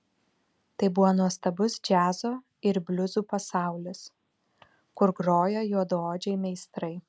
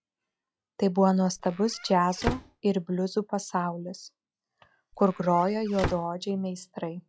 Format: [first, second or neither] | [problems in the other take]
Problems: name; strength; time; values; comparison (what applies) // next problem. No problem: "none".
first | noise reduction (classical method log-MMSE)